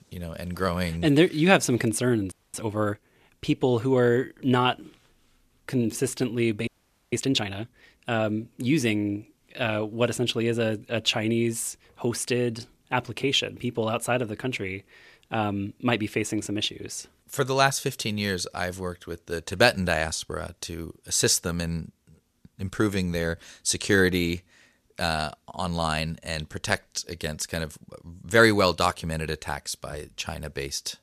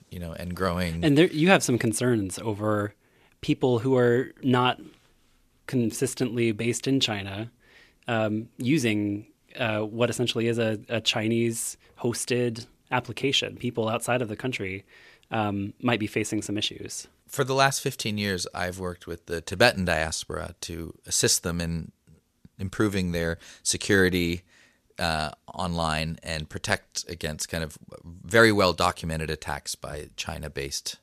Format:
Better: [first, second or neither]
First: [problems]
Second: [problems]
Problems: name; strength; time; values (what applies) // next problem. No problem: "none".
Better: second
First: audio freezing; at 2.5 s and at 6.5 s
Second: none